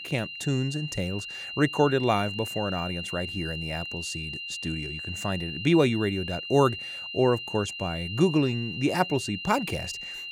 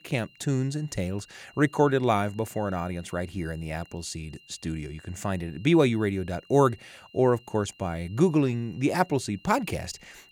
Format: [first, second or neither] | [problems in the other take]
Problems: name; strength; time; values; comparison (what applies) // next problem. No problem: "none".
second | high-pitched whine; loud; throughout; 3 kHz, 7 dB below the speech; faint in the second